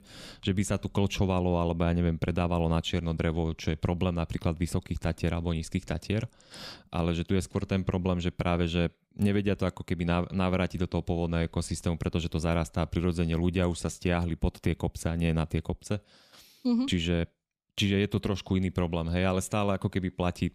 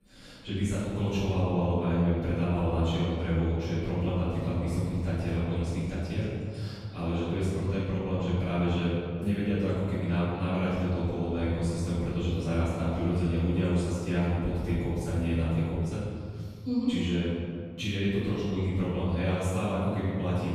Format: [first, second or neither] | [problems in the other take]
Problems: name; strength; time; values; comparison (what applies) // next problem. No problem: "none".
first | off-mic speech; far // room echo; strong; dies away in 1.9 s